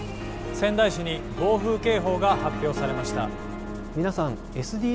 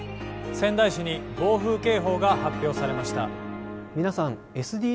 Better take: second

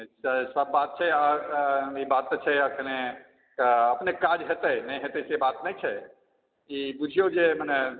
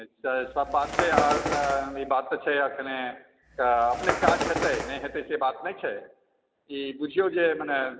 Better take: first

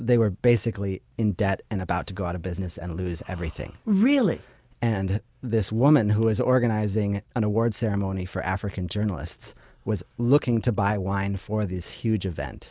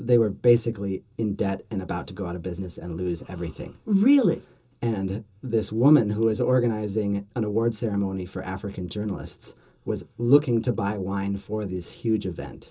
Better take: first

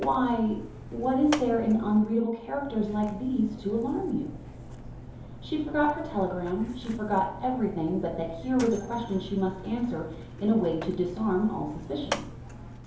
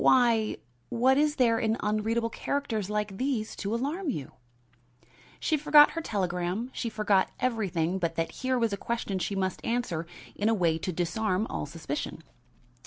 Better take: second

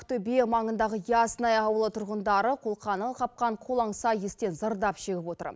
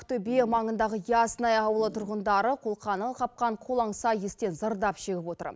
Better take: first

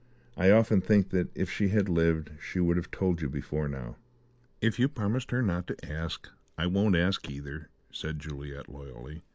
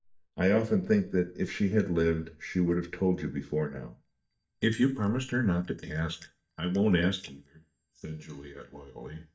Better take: first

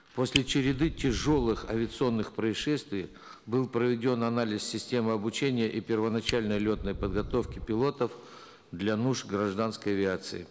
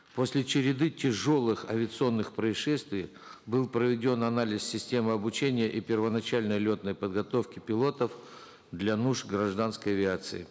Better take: second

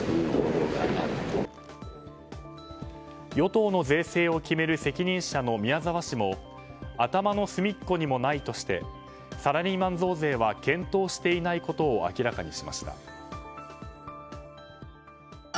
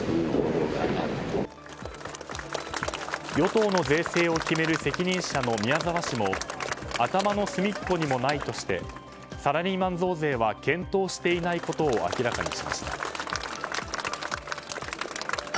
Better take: first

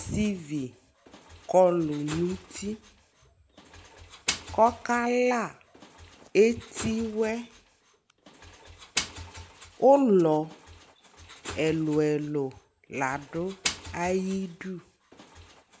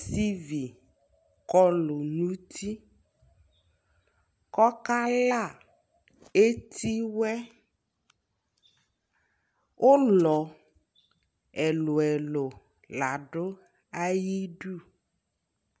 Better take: second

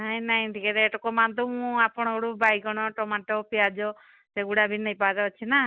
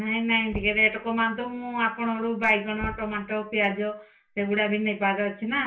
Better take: first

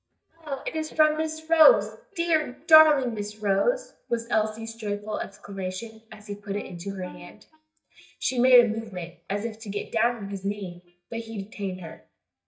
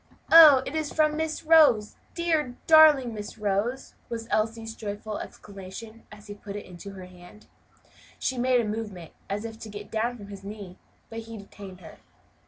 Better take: second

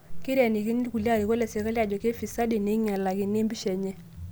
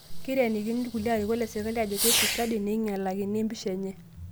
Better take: first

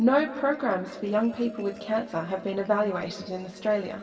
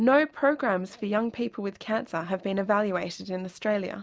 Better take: second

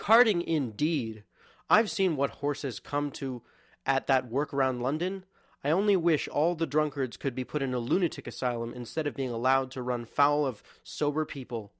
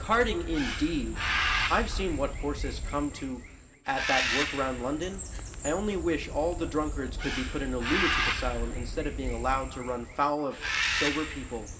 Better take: first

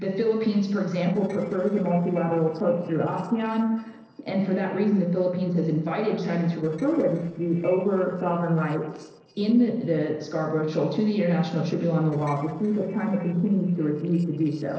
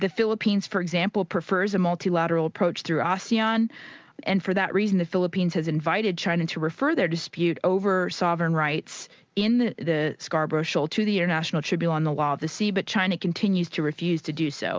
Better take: second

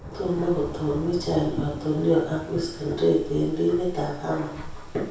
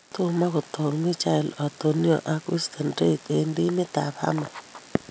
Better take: second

